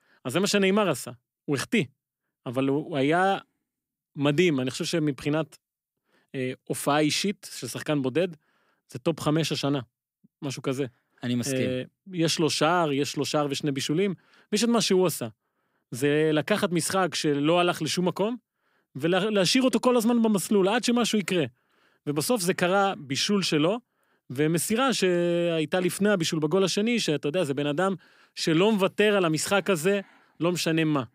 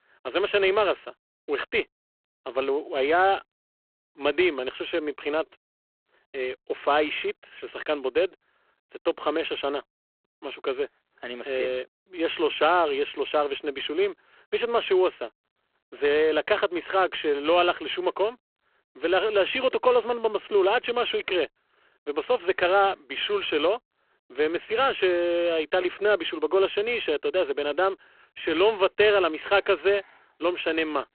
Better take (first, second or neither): first